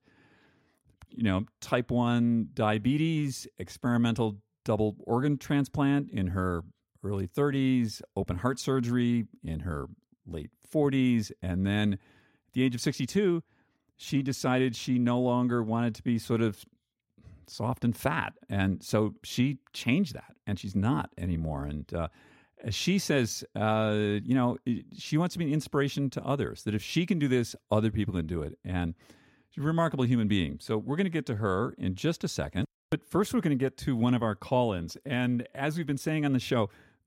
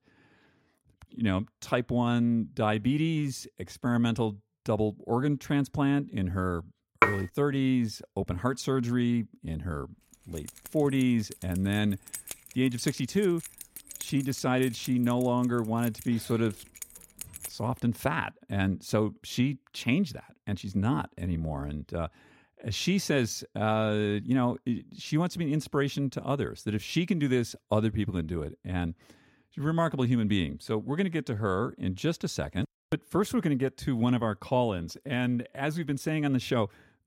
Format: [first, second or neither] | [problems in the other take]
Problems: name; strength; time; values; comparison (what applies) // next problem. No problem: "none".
first | clattering dishes; loud; at 7 s; peak 5 dB above the speech // jangling keys; noticeable; from 10 to 18 s; peak 9 dB below the speech